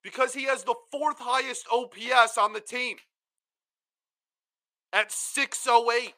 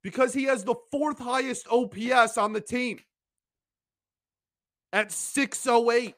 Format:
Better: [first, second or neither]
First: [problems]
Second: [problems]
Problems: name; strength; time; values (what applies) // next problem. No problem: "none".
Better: second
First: thin; somewhat; fading below 550 Hz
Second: none